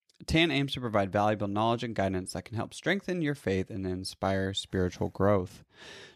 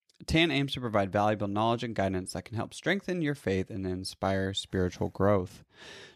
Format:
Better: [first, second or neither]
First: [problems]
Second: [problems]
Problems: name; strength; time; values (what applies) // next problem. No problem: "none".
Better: neither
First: none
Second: none